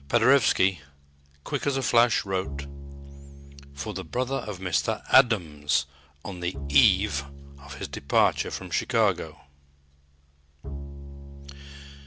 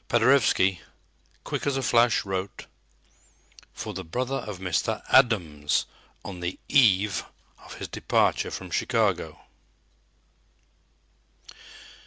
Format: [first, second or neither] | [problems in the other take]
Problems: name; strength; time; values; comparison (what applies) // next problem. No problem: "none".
second | background sound (Bowed string instrument); 13 dB below the speech